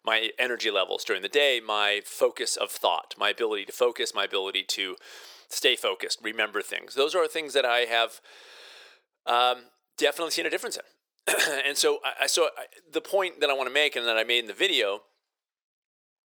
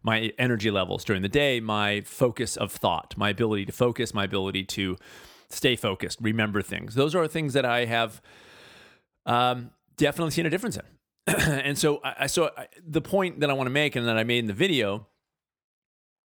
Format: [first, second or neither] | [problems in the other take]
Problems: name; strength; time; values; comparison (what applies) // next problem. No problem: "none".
second | thin; very; fading below 450 Hz